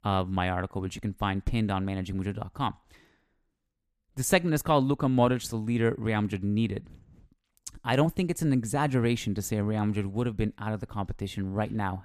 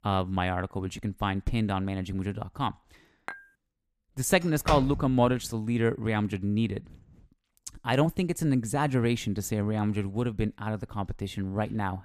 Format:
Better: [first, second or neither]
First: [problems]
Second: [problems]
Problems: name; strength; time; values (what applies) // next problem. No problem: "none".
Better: first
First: none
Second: clattering dishes; faint; at 3.5 s; peak 15 dB below the speech // door banging; noticeable; at 4.5 s; peak 3 dB below the speech